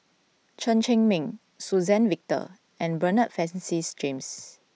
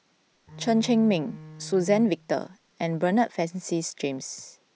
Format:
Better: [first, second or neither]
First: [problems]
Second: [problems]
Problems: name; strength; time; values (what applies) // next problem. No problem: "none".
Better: first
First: none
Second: background sound (Bowed string instrument); 16 dB below the speech